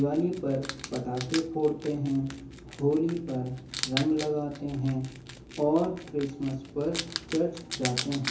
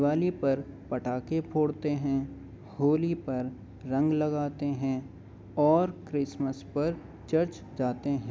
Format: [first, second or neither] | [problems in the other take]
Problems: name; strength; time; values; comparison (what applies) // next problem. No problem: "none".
second | background sound (Wild animals); 11 dB below the speech // room echo; dies away in 0.7 s